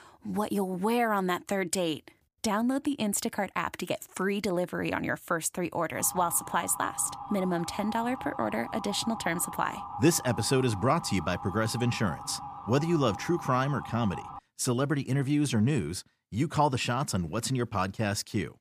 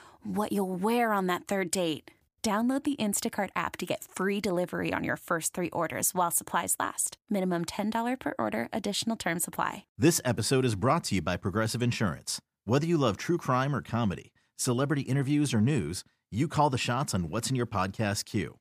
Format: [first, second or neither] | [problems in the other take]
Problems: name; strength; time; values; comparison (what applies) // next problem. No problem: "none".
second | siren; noticeable; from 6 to 14 s; peak 10 dB below the speech